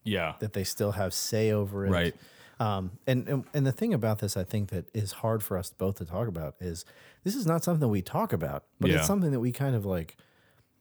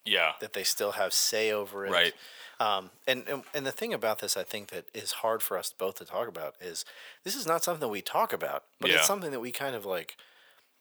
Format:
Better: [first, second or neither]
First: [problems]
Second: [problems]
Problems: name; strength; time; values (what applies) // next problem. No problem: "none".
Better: first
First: none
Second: thin; very; fading below 600 Hz